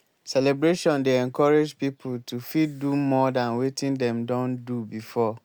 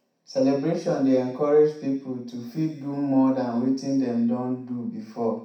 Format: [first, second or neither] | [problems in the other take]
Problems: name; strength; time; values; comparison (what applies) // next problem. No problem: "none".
first | room echo; dies away in 0.6 s